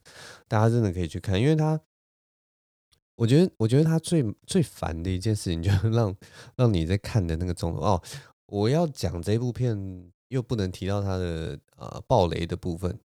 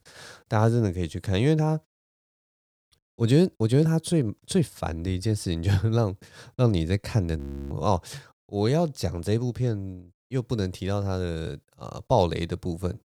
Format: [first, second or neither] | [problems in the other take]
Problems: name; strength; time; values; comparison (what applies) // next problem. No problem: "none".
first | audio freezing; at 7.5 s